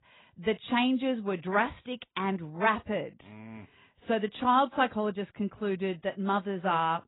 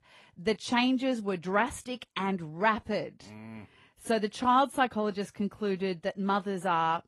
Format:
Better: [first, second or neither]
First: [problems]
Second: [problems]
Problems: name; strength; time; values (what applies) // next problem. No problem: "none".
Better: second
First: garbled, watery; badly; nothing above 4 kHz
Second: garbled, watery; slightly; nothing above 11.5 kHz